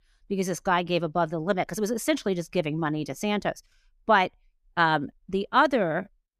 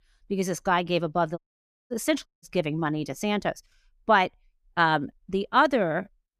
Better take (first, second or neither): first